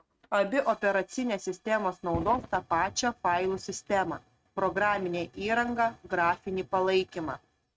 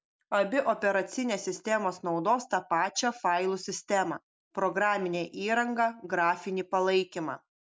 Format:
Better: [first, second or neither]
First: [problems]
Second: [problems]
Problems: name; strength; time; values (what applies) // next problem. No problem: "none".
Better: second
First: noise reduction (neural mask model RNNoise)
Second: none